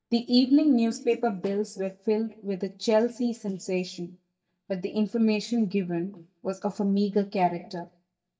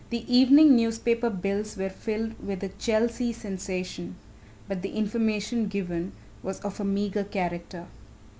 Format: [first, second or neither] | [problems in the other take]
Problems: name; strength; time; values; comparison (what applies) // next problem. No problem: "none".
second | noise reduction (neural mask model DeepFilterNet 3)